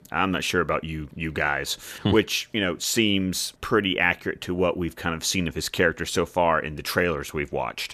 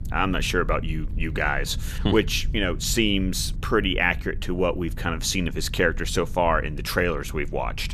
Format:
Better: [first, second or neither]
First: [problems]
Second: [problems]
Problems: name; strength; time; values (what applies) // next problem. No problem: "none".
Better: first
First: none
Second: low rumble; faint; throughout; 25 dB below the speech